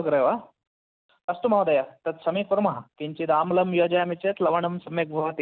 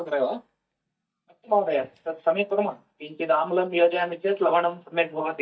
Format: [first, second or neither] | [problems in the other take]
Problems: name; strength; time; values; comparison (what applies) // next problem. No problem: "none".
first | noise reduction (neural mask model DeepFilterNet 3)